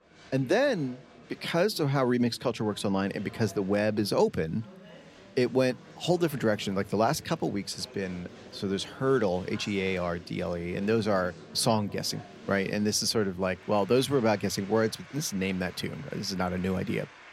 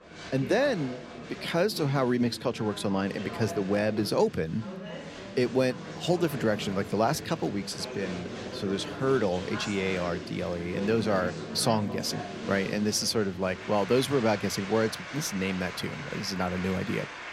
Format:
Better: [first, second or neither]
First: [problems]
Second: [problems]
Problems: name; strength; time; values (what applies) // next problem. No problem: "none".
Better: first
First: crowd noise; faint; throughout; 20 dB below the speech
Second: crowd noise; loud; throughout; 10 dB below the speech